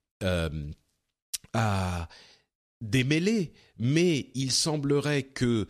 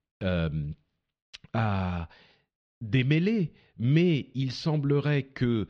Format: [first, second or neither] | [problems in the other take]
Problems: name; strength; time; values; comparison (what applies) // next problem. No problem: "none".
first | muffled; slightly; fading above 3.5 kHz